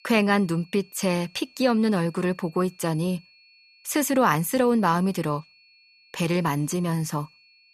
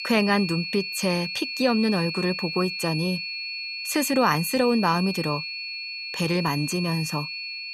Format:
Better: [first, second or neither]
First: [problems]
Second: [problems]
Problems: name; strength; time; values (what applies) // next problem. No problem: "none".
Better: first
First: high-pitched whine; faint; throughout; 4.5 kHz, 30 dB below the speech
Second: high-pitched whine; loud; throughout; 4.5 kHz, 5 dB below the speech